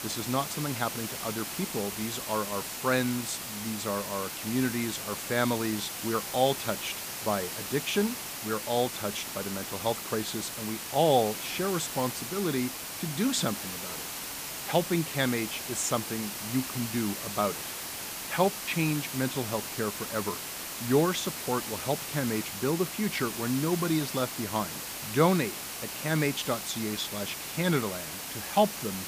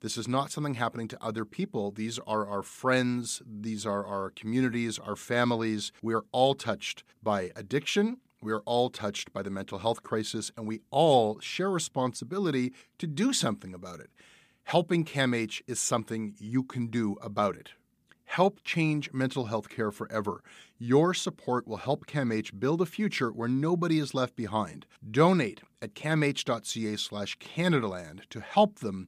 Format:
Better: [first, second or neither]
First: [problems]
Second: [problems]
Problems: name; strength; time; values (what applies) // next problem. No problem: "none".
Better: second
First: hiss; loud; throughout; 4 dB below the speech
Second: none